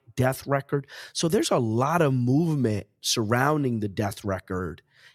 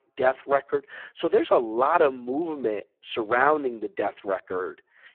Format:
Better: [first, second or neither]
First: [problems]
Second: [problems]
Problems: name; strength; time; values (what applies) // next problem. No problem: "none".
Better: first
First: none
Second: phone-call audio; poor line